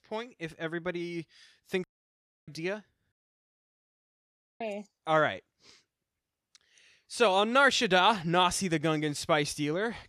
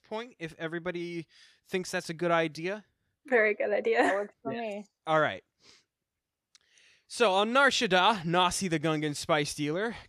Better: second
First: audio cutting out; at 2 s for 0.5 s and at 3 s for 1.5 s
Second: none

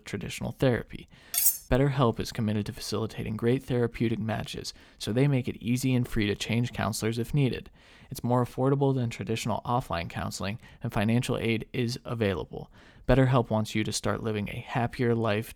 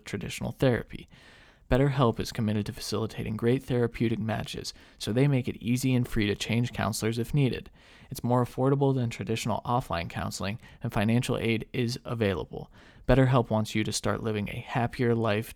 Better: second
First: clattering dishes; loud; at 1.5 s; peak 5 dB above the speech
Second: none

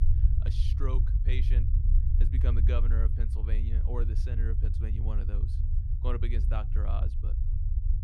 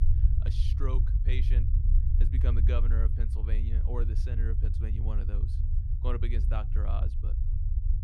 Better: neither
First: low rumble; loud; throughout; 4 dB below the speech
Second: low rumble; loud; throughout; 4 dB below the speech

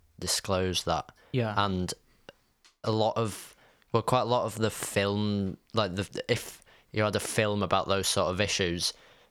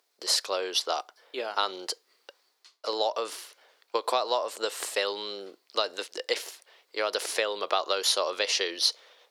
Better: first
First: none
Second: thin; very; fading below 400 Hz

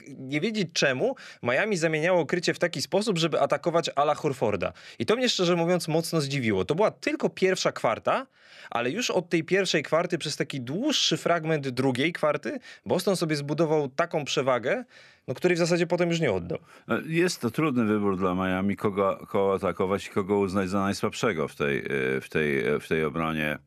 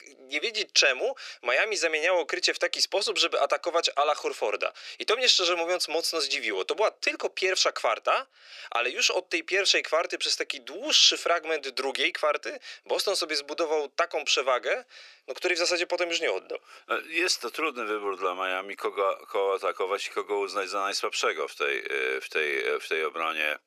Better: first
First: none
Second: thin; very; fading below 400 Hz

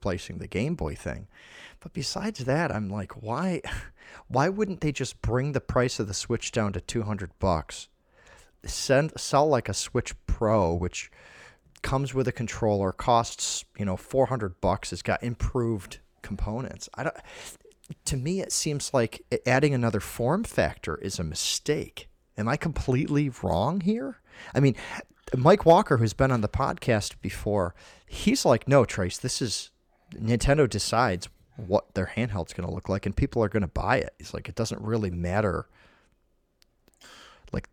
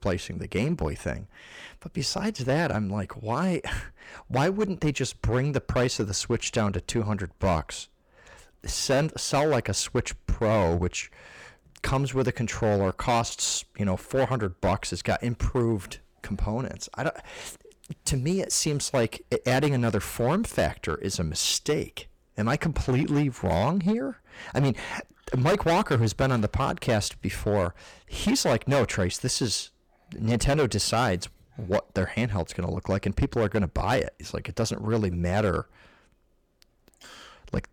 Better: first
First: none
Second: distortion; heavy; 7% of the sound clipped

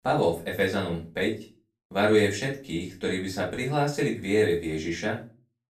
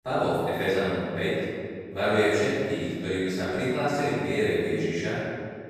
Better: first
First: room echo; slight; dies away in 0.3 s // off-mic speech; far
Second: room echo; strong; dies away in 2 s // off-mic speech; far

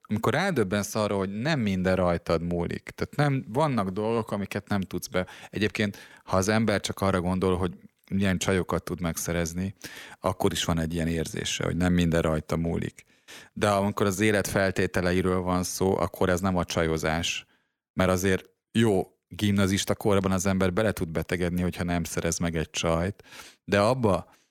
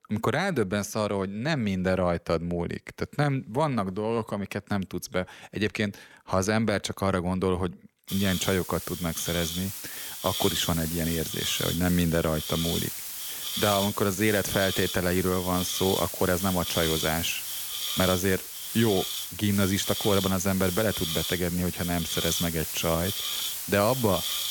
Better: first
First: none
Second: hiss; loud; from 8 s on; 3 dB below the speech

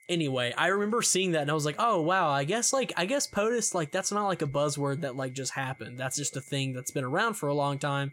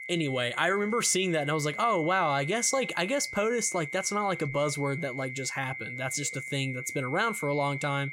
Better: first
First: high-pitched whine; faint; throughout; 2 kHz, 30 dB below the speech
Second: high-pitched whine; loud; throughout; 2 kHz, 8 dB below the speech

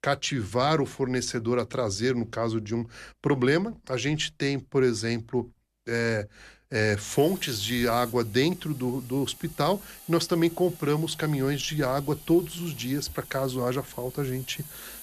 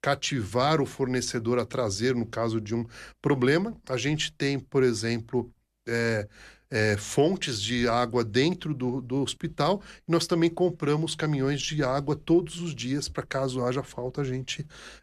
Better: second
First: hiss; noticeable; from 7 s on; 15 dB below the speech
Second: none

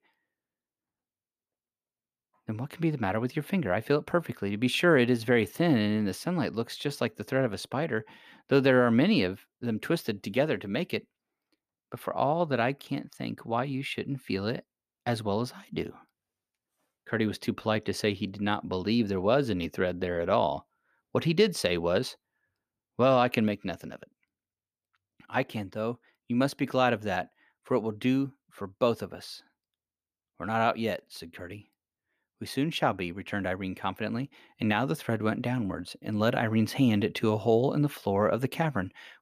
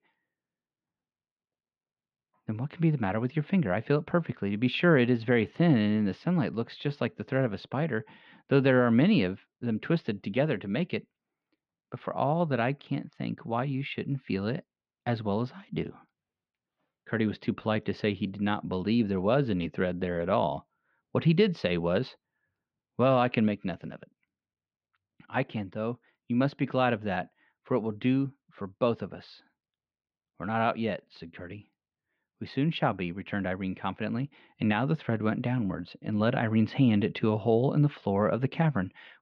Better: first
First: none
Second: muffled; very slightly; fading above 3.5 kHz

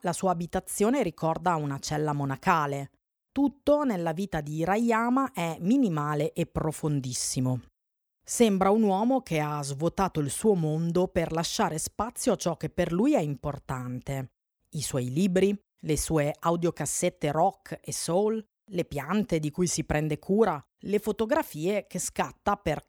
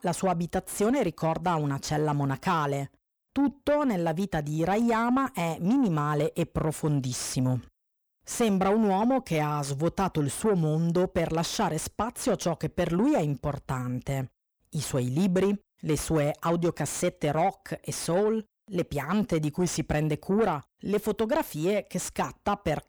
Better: first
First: none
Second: distortion; slight; 10 dB below the speech

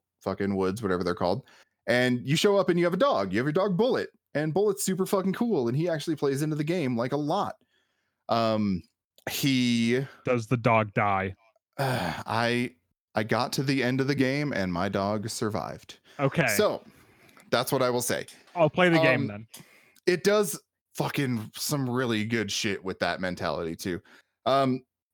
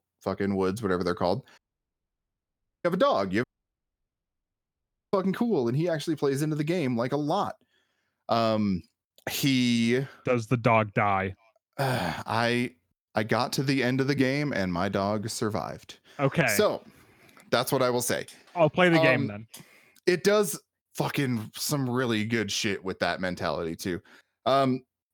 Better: first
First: none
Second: audio cutting out; at 1.5 s for 1.5 s and at 3.5 s for 1.5 s

